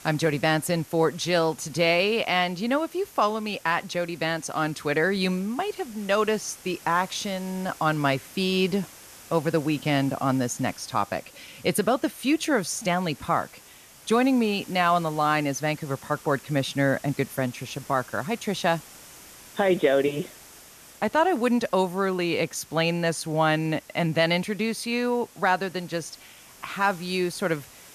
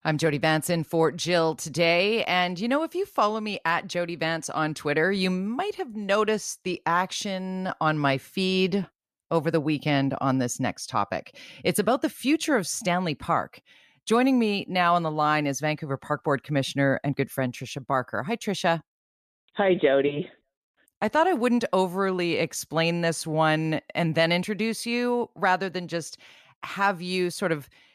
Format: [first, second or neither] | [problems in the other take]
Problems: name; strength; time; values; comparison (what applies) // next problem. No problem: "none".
second | hiss; faint; throughout; 20 dB below the speech